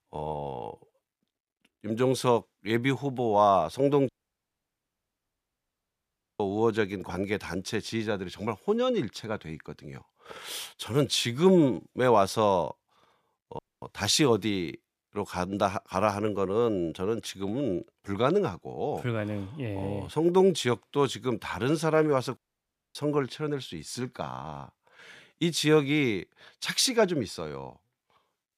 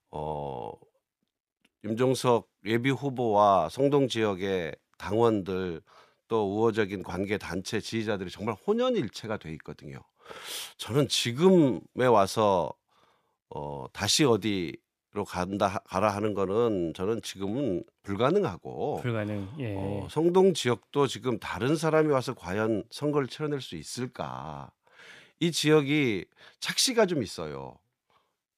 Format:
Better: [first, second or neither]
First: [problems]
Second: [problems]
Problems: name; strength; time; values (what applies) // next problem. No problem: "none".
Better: second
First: audio cutting out; at 4 s for 2.5 s, at 14 s and at 22 s for 0.5 s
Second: none